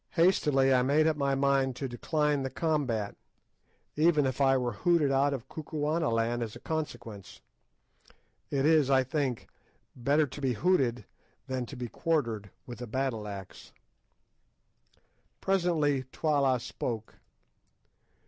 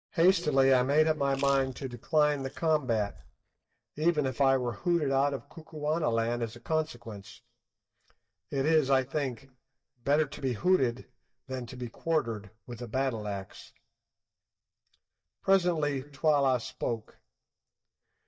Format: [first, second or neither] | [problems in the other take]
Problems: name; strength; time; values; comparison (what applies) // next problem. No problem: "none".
first | noise reduction (neural mask model DeepFilterNet 3)